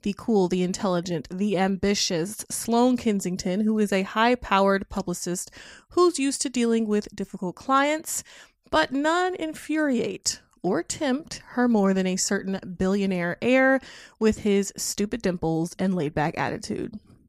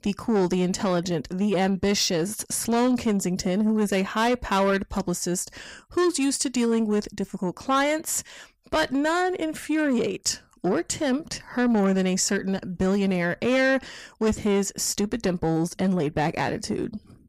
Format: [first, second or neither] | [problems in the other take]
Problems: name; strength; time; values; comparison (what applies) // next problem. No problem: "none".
first | distortion; slight; 10 dB below the speech